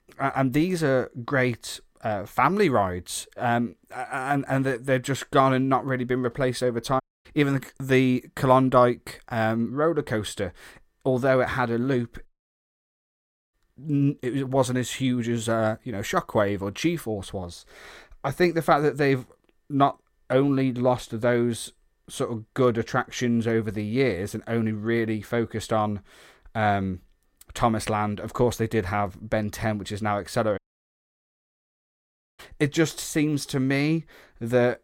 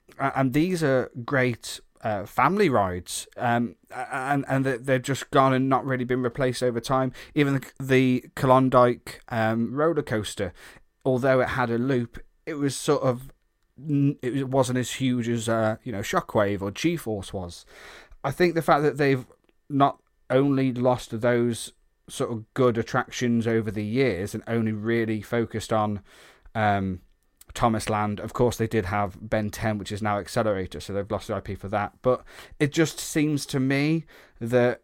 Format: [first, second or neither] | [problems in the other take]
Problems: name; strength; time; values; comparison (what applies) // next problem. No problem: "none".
second | audio cutting out; at 7 s, at 12 s for 1.5 s and at 31 s for 2 s